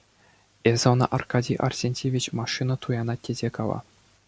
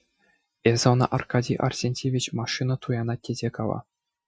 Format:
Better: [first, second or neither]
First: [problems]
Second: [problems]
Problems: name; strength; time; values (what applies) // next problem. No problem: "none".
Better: first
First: none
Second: noise reduction (classical method Wiener filter)